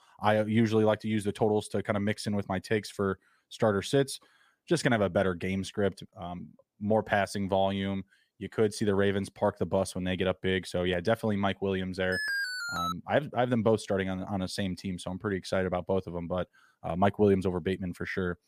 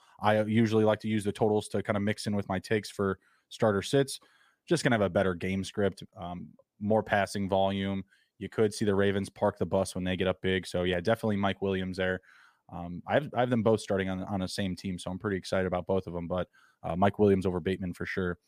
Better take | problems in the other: second | alarm; noticeable; at 12 s; peak 1 dB below the speech

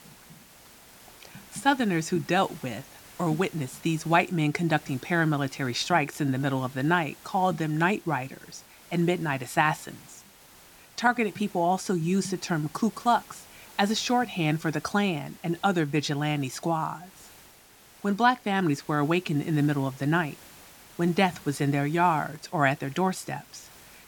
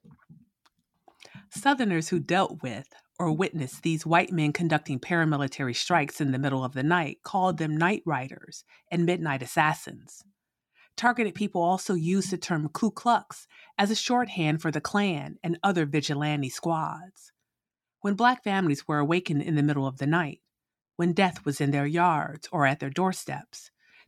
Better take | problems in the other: second | hiss; faint; throughout; 20 dB below the speech

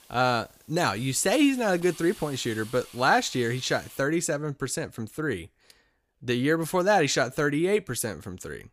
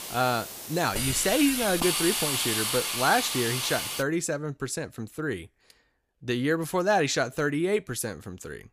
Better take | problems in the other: first | hiss; loud; until 4 s; 1 dB below the speech; faint in the first

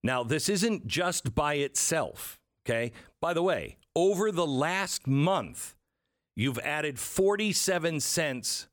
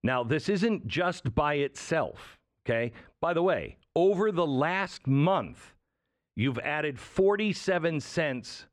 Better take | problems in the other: first | muffled; slightly; fading above 3 kHz

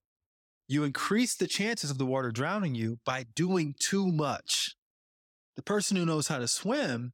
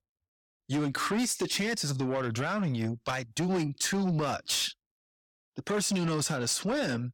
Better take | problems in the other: first | distortion; slight; 10 dB below the speech

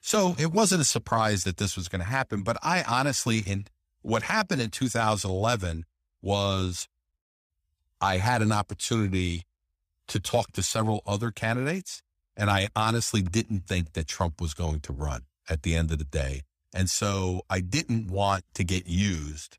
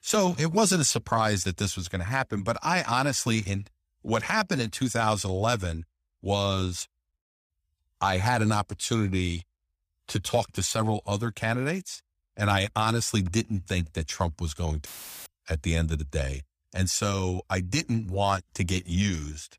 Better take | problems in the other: first | audio cutting out; filled with static; at 15 s

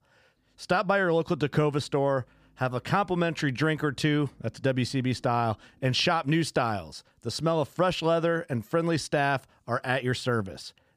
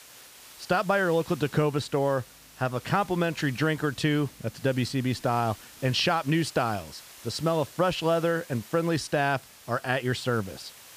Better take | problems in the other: first | hiss; noticeable; throughout; 20 dB below the speech

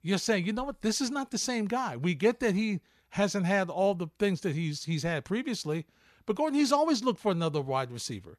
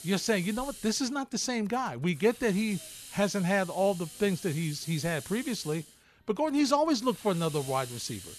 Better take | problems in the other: first | hiss; noticeable; throughout; 15 dB below the speech

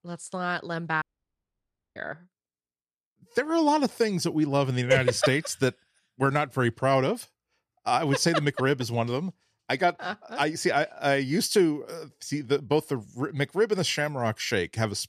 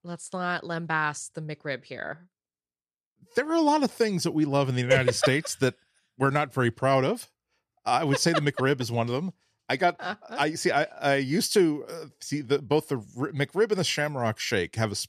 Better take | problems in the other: second | audio cutting out; at 1 s for 1 s

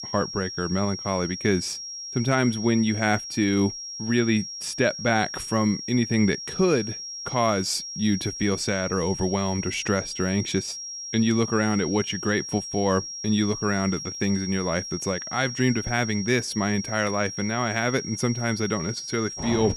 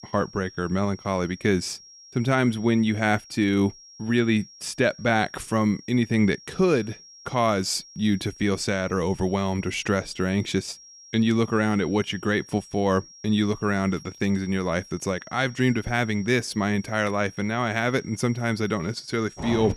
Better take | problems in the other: second | high-pitched whine; loud; throughout; 5.5 kHz, 8 dB below the speech; faint in the second

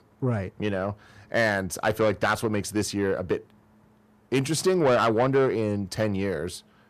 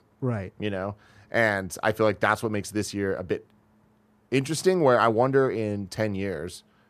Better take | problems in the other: second | distortion; slight; 10 dB below the speech

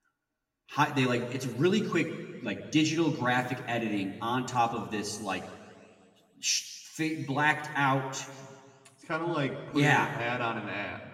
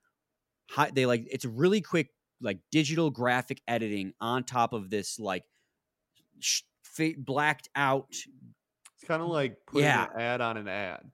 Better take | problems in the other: second | room echo; slight; dies away in 1.3 s // off-mic speech; somewhat distant

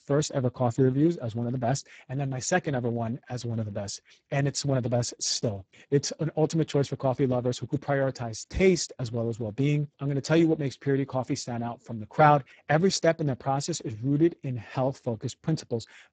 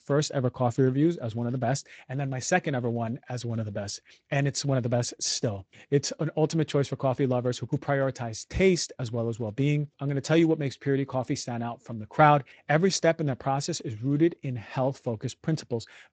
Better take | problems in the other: second | garbled, watery; badly; nothing above 7.5 kHz; slightly in the second

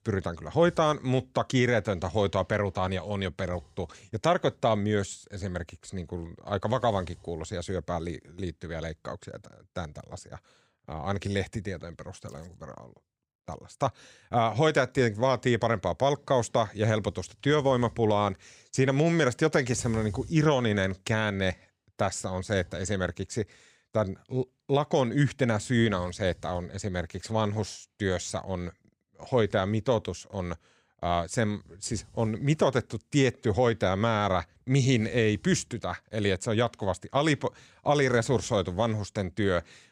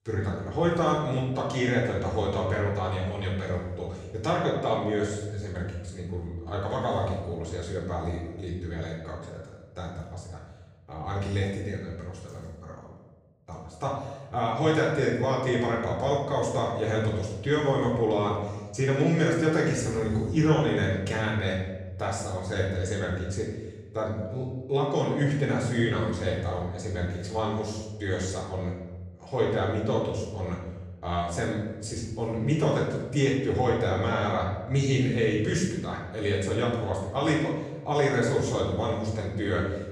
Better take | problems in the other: first | off-mic speech; far // room echo; noticeable; dies away in 1.1 s

